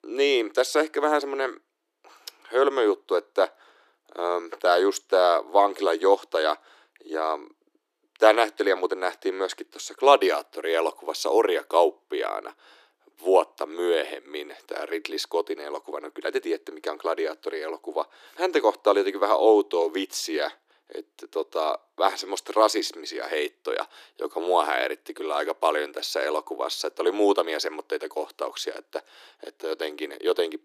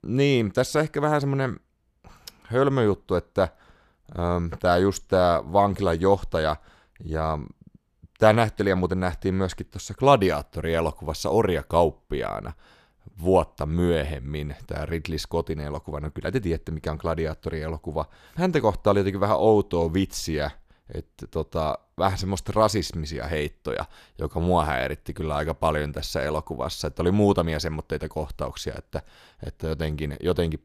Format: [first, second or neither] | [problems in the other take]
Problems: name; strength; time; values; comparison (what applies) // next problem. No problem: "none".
second | thin; very; fading below 300 Hz